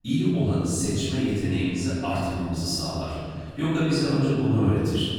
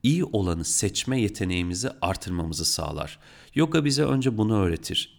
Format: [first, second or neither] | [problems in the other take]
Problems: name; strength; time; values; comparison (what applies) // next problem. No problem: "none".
second | room echo; strong; dies away in 2.8 s // off-mic speech; far